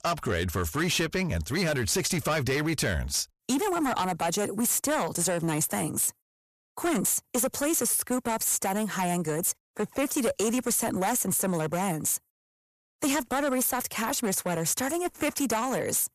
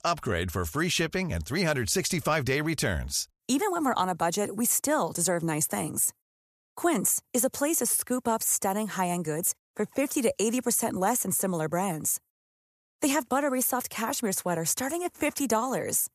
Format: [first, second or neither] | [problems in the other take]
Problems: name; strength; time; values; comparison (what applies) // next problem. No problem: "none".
second | distortion; slight; 13% of the sound clipped